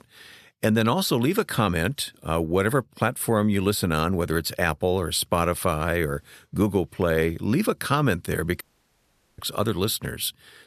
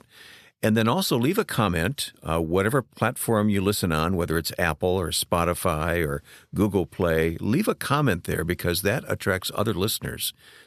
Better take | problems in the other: second | audio cutting out; at 8.5 s for 1 s

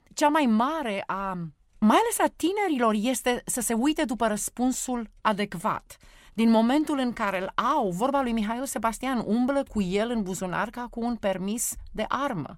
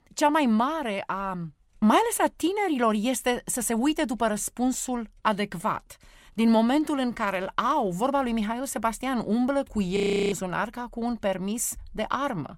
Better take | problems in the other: first | audio freezing; at 10 s

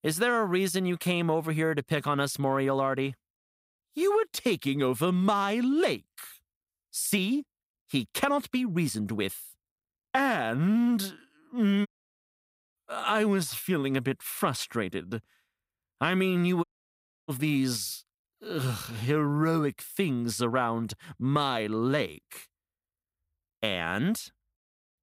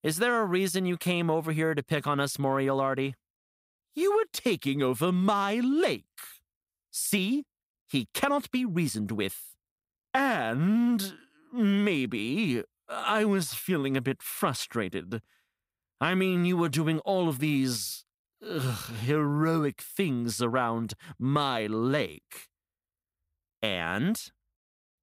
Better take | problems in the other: second | audio cutting out; at 12 s for 1 s and at 17 s for 0.5 s

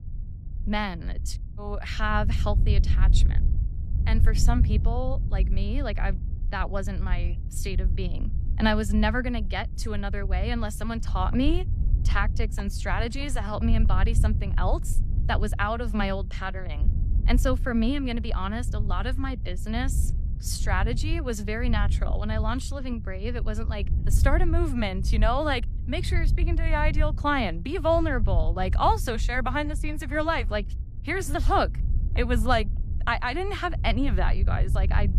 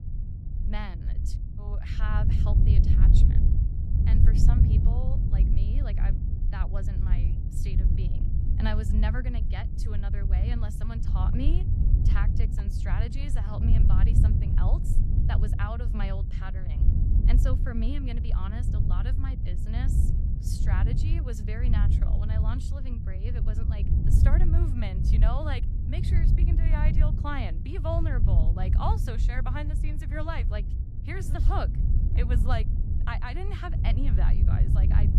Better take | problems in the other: first | wind noise on the microphone; heavy; 3 dB below the speech; occasional gusts in the first

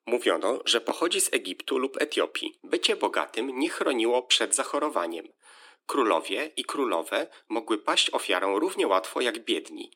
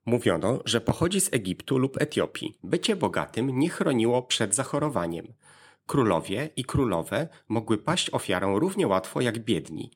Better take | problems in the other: second | thin; somewhat; fading below 300 Hz

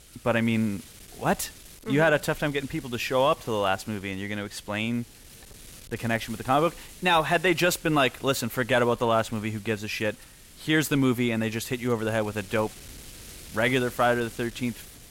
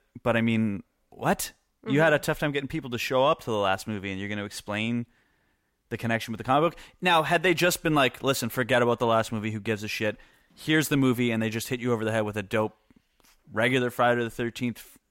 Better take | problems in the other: second | wind noise on the microphone; occasional gusts; 20 dB below the speech

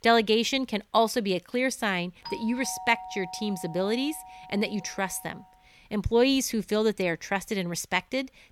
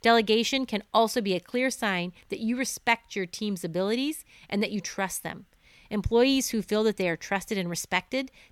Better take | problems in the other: second | doorbell; faint; from 2 to 5.5 s; peak 10 dB below the speech

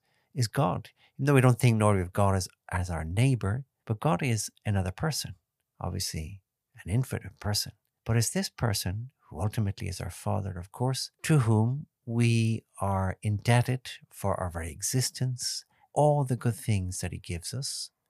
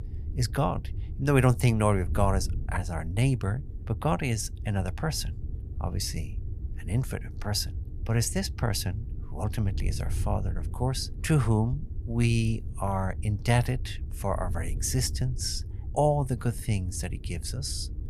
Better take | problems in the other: first | wind noise on the microphone; occasional gusts; 20 dB below the speech

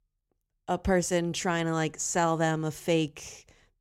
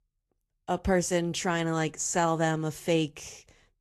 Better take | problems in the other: first | garbled, watery; slightly; nothing above 12.5 kHz

